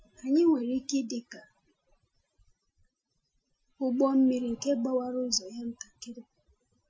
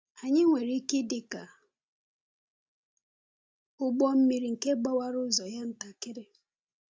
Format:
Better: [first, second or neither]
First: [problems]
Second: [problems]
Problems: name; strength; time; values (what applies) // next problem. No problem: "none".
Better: second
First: noise reduction (classical method Wiener filter)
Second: none